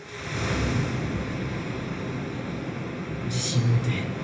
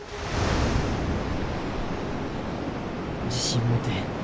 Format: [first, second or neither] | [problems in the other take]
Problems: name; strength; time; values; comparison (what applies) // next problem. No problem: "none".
second | room echo; dies away in 1 s